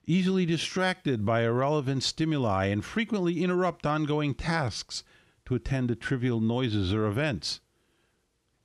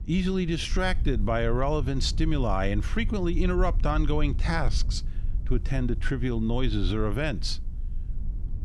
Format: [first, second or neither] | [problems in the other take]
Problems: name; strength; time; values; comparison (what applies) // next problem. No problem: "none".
first | low rumble; faint; throughout; 20 dB below the speech